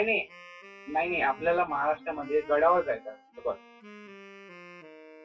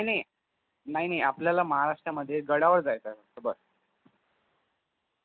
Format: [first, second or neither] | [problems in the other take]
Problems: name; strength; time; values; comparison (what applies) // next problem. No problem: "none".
second | noise reduction (classical method WPE with log-MMSE)